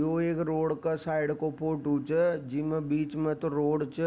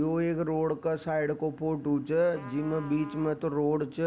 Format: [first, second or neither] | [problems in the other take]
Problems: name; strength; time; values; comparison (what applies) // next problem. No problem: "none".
first | background sound (Trumpet); 19 dB below the speech